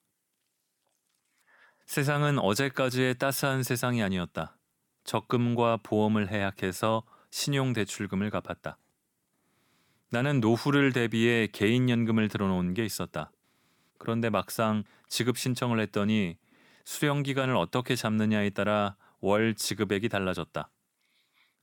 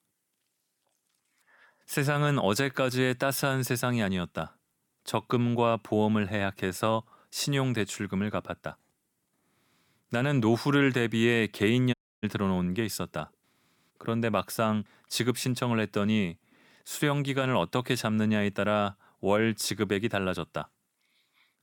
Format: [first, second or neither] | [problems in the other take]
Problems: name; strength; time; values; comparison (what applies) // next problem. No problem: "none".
first | audio cutting out; at 12 s